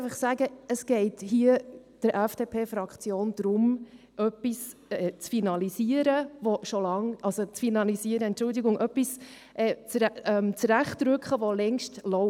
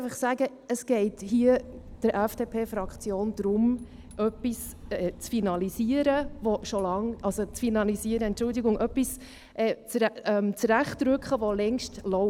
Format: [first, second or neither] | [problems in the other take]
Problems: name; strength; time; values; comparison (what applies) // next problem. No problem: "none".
first | background sound (Engine / Boat, Water vehicle); 18 dB below the speech